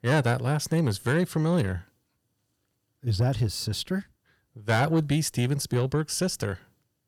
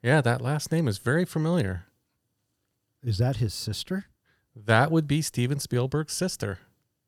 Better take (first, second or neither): second